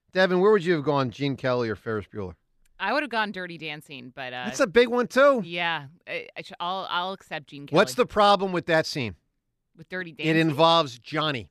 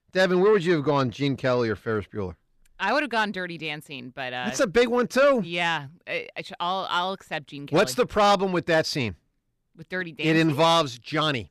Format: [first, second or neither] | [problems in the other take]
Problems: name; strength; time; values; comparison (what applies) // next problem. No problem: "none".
first | distortion; slight; 10 dB below the speech